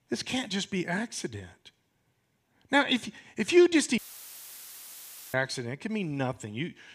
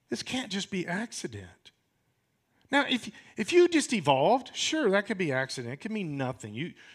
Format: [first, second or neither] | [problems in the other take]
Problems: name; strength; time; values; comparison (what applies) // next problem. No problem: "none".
second | audio cutting out; filled with static; at 4 s for 1.5 s